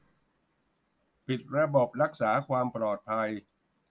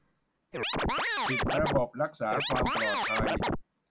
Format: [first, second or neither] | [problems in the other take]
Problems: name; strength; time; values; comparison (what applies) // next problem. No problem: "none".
first | background sound (Scratching (performance technique)); 4 dB above the speech